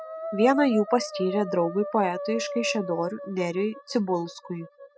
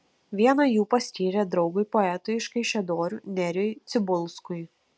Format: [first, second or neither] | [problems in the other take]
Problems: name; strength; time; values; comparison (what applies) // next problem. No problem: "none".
second | noise reduction (classical method spectral subtraction)